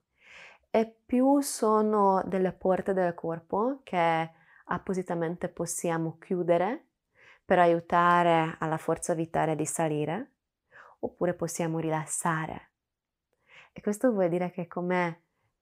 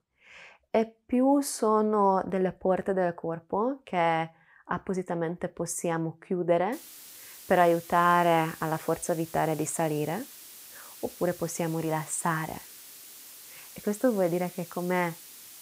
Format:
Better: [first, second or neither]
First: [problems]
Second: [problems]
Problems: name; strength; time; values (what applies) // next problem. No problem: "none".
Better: first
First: none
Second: hiss; noticeable; from 6.5 s on; 15 dB below the speech